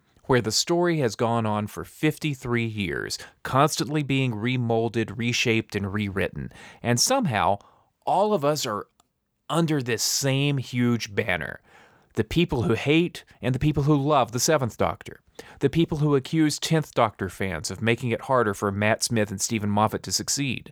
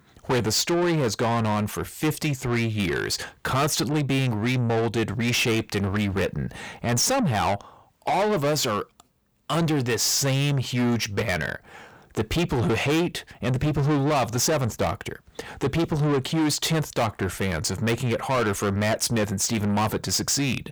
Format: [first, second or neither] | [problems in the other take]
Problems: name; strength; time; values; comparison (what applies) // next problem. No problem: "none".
first | distortion; heavy; 7 dB below the speech